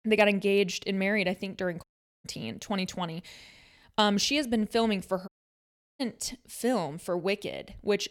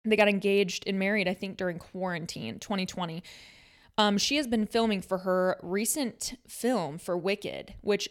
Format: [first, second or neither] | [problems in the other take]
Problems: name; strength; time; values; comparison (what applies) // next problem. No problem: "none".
second | audio cutting out; at 2 s and at 5.5 s for 0.5 s